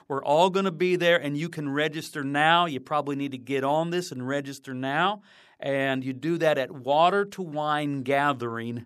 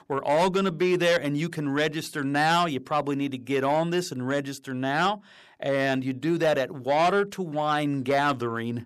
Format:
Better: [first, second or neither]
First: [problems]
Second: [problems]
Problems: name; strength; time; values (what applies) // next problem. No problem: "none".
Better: first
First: none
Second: distortion; slight; 10 dB below the speech